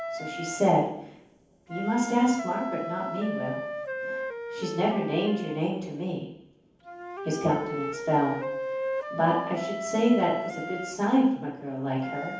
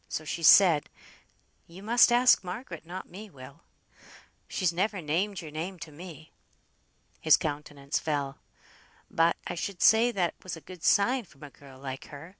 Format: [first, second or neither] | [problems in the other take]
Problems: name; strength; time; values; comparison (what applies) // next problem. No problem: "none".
second | background sound (Wind instrument, woodwind instrument); 8 dB below the speech // room echo; dies away in 0.9 s